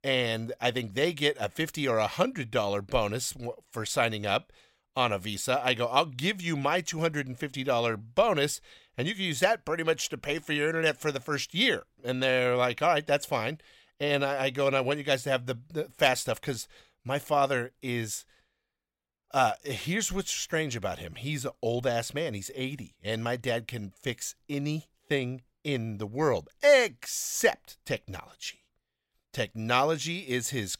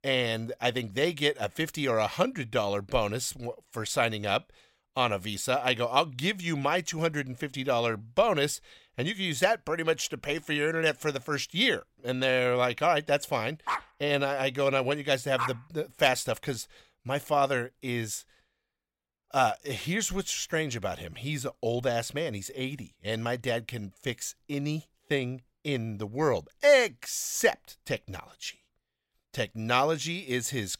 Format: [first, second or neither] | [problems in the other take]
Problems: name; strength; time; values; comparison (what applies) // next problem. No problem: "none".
first | dog barking; noticeable; from 14 to 15 s; peak 4 dB below the speech